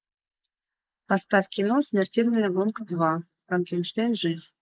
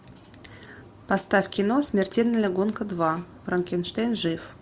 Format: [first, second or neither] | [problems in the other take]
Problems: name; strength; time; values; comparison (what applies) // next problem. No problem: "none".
second | noise reduction (neural mask model Resemble Enhance denoiser)